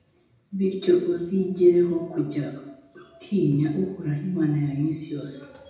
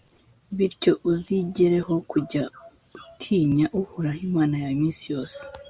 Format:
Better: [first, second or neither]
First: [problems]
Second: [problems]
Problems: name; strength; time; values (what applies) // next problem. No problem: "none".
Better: second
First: room echo; dies away in 0.8 s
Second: none